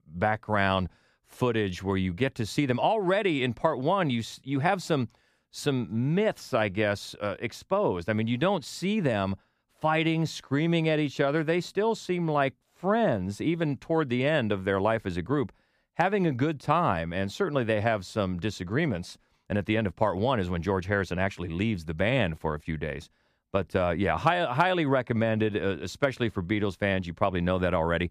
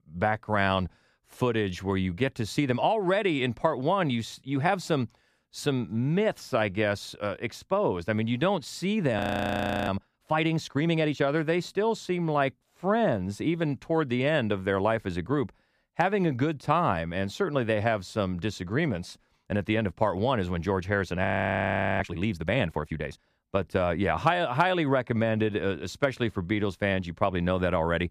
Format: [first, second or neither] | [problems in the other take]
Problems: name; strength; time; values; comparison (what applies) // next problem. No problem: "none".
first | audio freezing; at 9 s for 0.5 s and at 21 s for 1 s